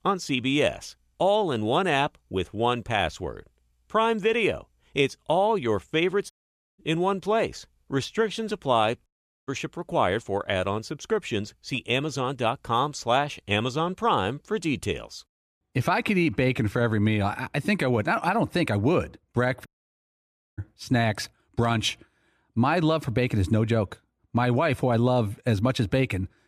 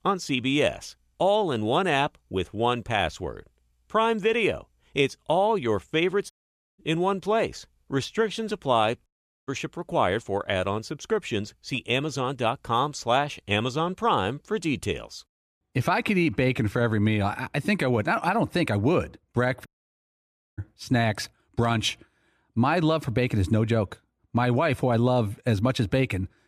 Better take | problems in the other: neither | audio cutting out; at 6.5 s, at 9 s and at 20 s for 1 s; the same in both

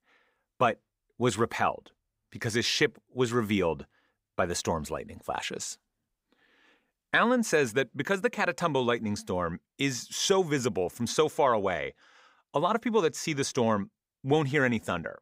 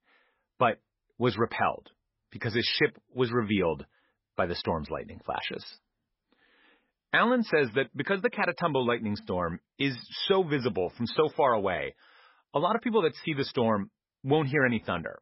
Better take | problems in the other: first | garbled, watery; badly; nothing above 5.5 kHz

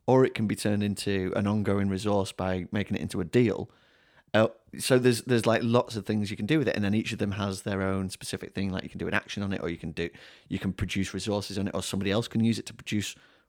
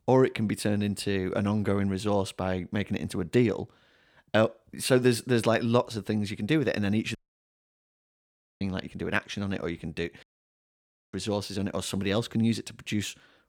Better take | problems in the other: first | audio cutting out; at 7 s for 1.5 s and at 10 s for 1 s

